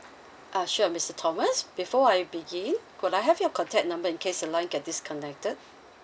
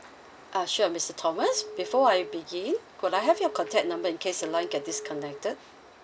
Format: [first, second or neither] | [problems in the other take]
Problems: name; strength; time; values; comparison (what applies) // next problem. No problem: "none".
first | background sound (Telephone); 12 dB below the speech